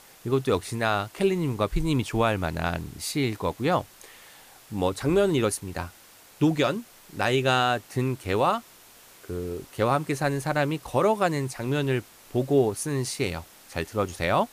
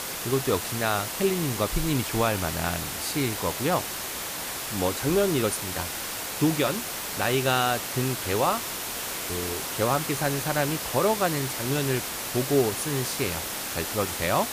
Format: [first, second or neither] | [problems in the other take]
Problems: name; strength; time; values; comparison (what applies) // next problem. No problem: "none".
first | hiss; loud; throughout; 3 dB below the speech; faint in the first